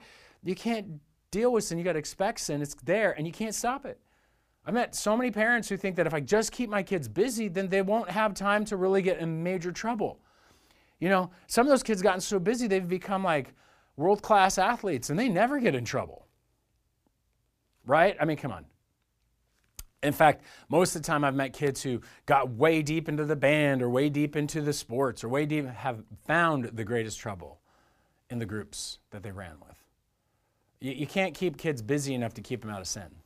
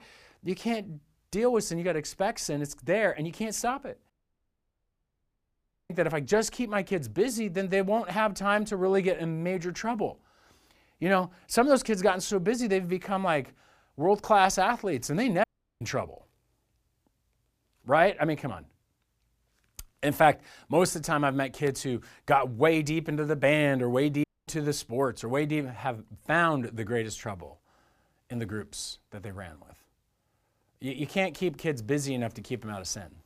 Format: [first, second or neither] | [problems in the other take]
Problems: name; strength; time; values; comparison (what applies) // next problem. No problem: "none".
first | audio cutting out; at 4 s for 2 s, at 15 s and at 24 s